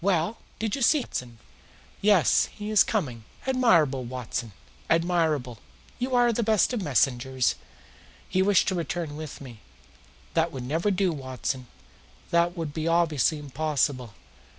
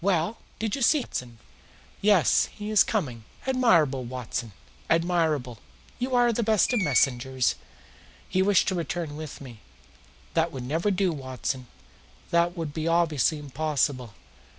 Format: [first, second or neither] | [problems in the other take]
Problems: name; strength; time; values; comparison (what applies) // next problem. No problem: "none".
first | background sound (Screech); 13 dB below the speech